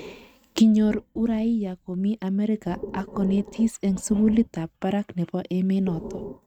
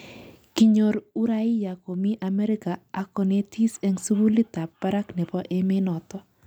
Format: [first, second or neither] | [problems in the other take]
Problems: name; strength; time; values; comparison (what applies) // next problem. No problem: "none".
second | noise reduction (neural mask model RNNoise)